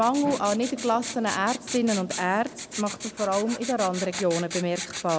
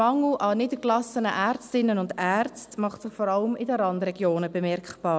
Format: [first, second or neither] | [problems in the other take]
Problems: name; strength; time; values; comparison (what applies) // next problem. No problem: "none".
second | background sound (Writing); 10 dB below the speech